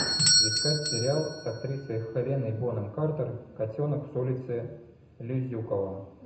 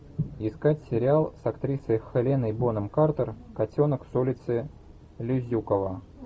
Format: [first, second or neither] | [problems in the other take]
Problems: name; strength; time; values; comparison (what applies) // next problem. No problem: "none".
second | background sound (Bell / Doorbell); 1 dB below the speech // room echo; dies away in 0.8 s